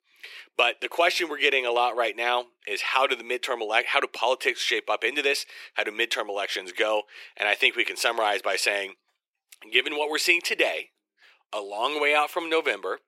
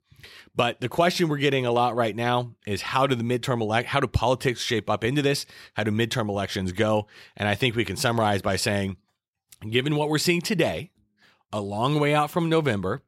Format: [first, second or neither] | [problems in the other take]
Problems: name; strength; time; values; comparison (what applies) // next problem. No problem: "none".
second | thin; very; fading below 350 Hz